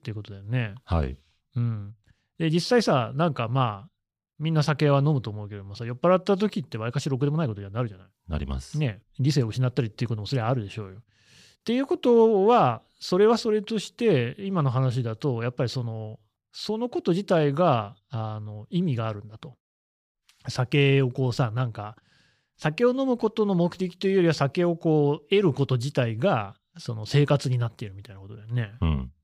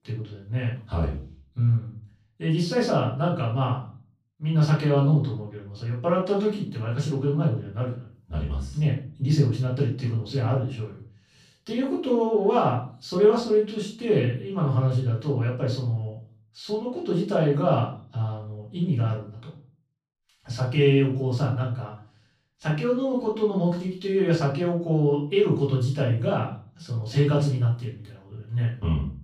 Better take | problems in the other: first | off-mic speech; far // room echo; slight; dies away in 0.4 s

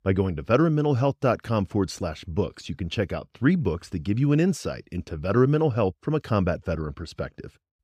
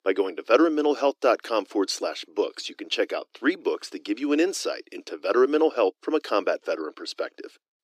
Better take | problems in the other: first | thin; somewhat; fading below 300 Hz

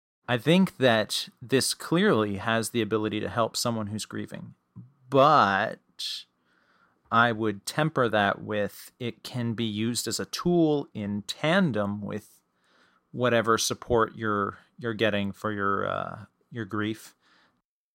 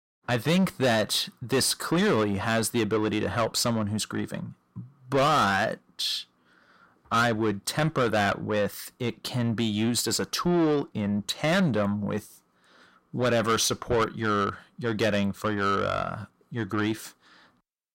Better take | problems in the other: first | distortion; heavy; 7 dB below the speech

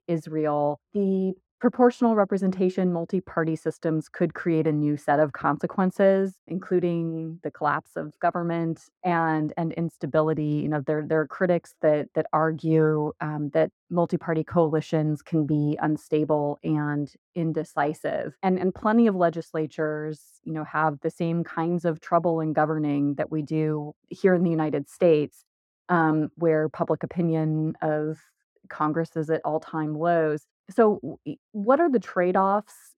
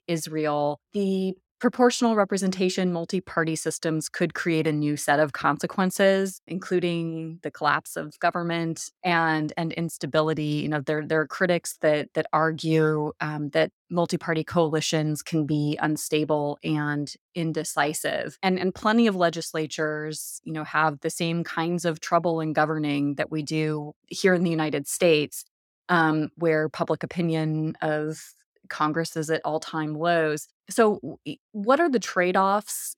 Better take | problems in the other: second | muffled; very; fading above 2 kHz

